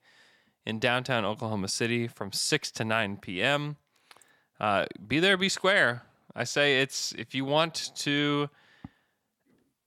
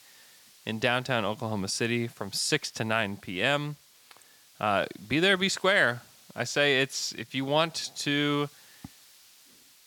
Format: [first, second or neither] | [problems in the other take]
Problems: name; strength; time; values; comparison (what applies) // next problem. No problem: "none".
first | hiss; faint; throughout; 25 dB below the speech